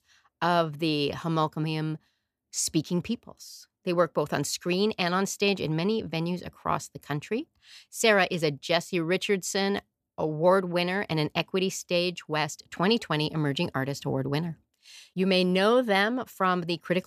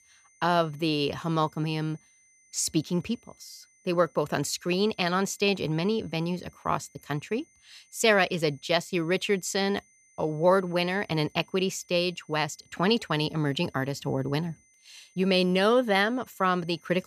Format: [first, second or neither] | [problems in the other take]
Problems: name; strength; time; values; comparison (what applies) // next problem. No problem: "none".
first | high-pitched whine; faint; throughout; 6 kHz, 30 dB below the speech